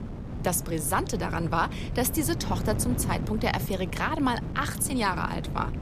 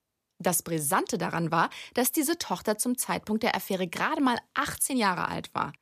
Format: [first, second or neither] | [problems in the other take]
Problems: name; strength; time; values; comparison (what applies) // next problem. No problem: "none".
second | wind noise on the microphone; occasional gusts; 15 dB below the speech